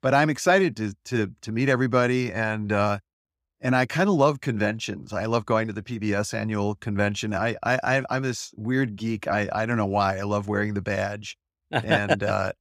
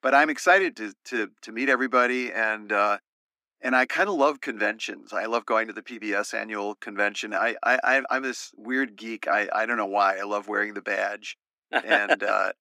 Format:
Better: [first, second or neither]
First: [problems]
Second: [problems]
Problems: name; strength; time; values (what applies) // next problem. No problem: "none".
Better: first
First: none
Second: thin; somewhat; fading below 250 Hz